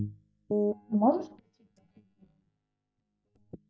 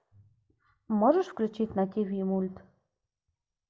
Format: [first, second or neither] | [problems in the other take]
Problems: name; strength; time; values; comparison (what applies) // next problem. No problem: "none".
second | noise reduction (neural mask model DeepFilterNet 3)